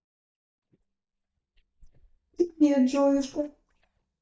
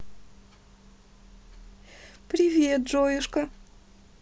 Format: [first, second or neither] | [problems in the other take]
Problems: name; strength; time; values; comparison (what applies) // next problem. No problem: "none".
second | noise reduction (neural mask model DeepFilterNet 3)